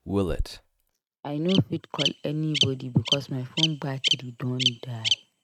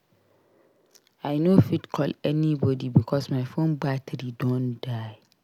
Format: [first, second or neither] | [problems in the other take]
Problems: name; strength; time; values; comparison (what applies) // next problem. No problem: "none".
second | noise reduction (neural mask model RNNoise)